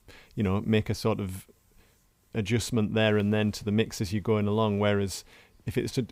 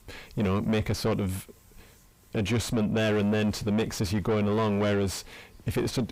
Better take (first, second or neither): first